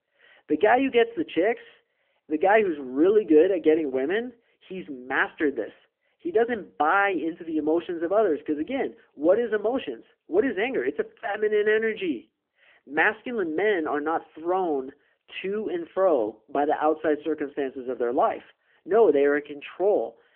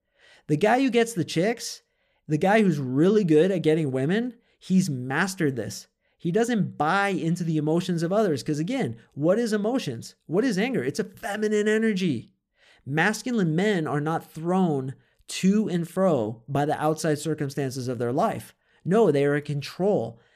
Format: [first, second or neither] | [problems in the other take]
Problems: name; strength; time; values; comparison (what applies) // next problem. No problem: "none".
second | phone-call audio; nothing above 3 kHz